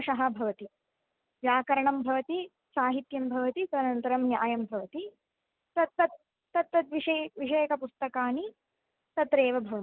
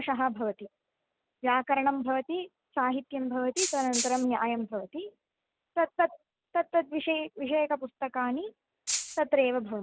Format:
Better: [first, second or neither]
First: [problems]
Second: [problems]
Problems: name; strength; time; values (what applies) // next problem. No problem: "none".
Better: first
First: none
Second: background sound (Rattle (instrument)); 2 dB below the speech